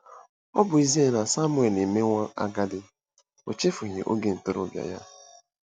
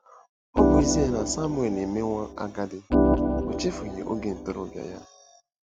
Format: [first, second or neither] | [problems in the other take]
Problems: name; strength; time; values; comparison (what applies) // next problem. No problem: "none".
first | background sound (Organ); 4 dB above the speech